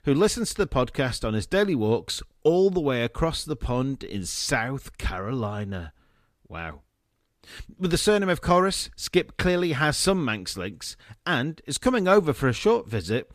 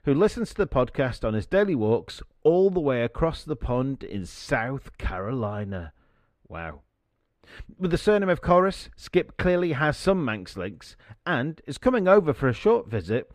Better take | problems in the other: first | muffled; slightly; fading above 3.5 kHz

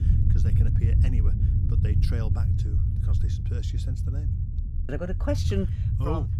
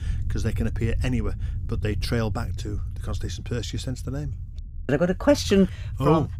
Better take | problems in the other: second | low rumble; loud; throughout; 3 dB below the speech; faint in the second

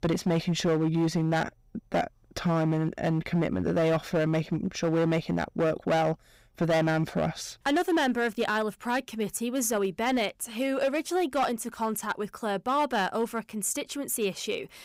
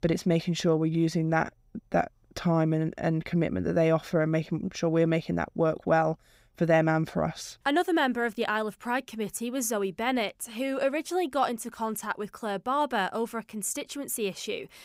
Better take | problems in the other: second | distortion; slight; 9% of the sound clipped

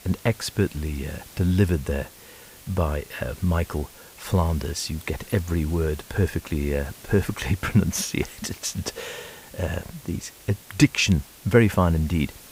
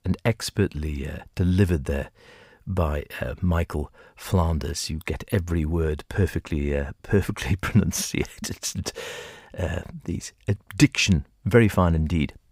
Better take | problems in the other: second | hiss; noticeable; throughout; 20 dB below the speech

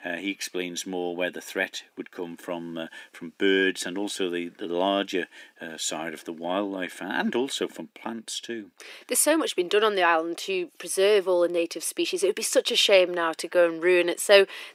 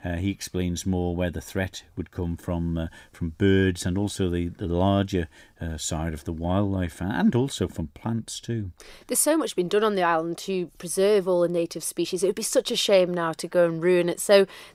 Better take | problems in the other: second | thin; somewhat; fading below 250 Hz

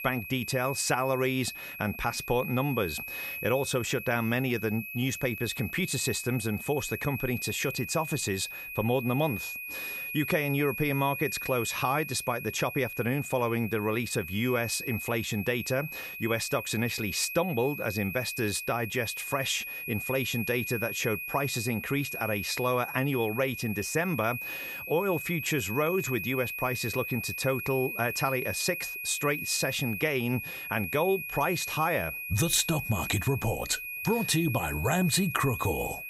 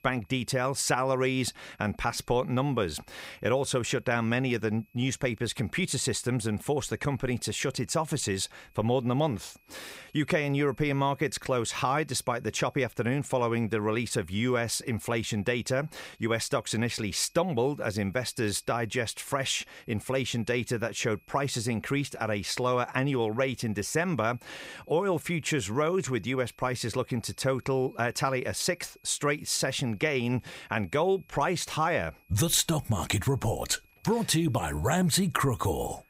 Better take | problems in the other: second | high-pitched whine; loud; throughout; 2.5 kHz, 6 dB below the speech; faint in the second

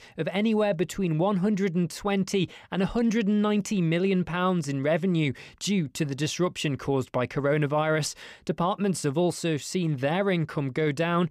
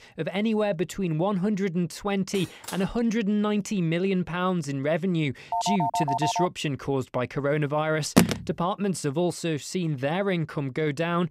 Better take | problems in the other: first | clattering dishes; faint; at 2.5 s; peak 10 dB below the speech // phone ringing; loud; at 5.5 s and at 8 s; peak 5 dB above the speech

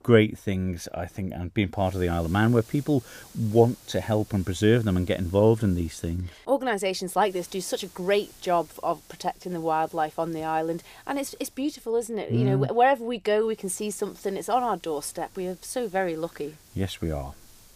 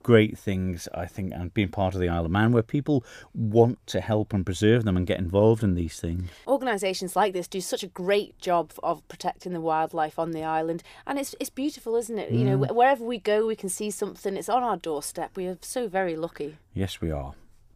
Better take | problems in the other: second | hiss; faint; from 2 to 6 s, from 7.5 to 12 s and from 14 s on; 25 dB below the speech

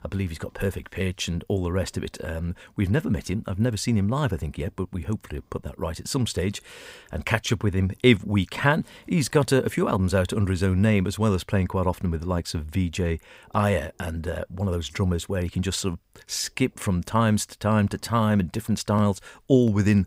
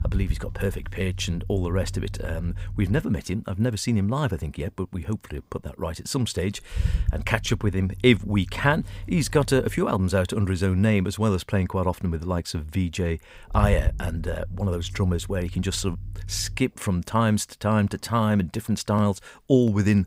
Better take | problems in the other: first | low rumble; faint; throughout; 20 dB below the speech

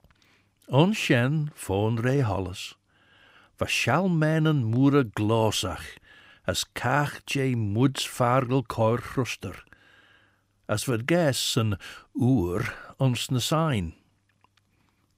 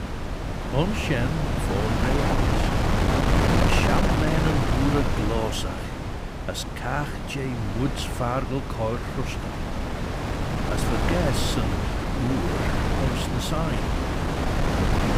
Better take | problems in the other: first | wind noise on the microphone; heavy; 2 dB above the speech

